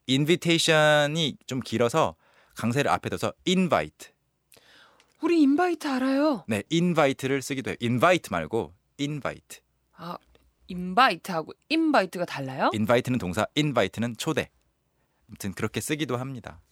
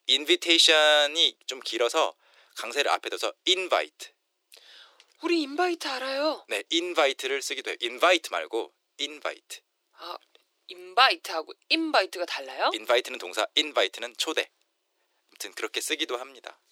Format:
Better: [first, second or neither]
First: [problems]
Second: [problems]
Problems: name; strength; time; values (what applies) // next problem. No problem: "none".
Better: first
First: none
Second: thin; very; fading below 350 Hz